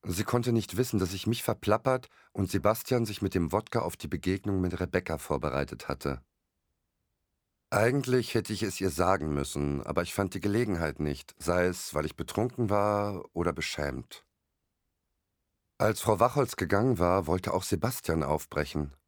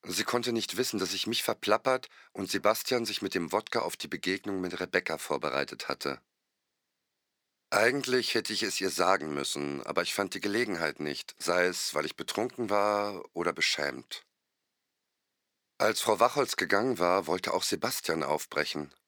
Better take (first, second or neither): first